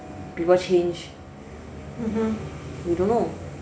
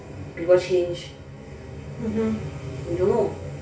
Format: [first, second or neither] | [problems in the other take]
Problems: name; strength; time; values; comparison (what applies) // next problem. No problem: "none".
first | room echo; dies away in 0.2 s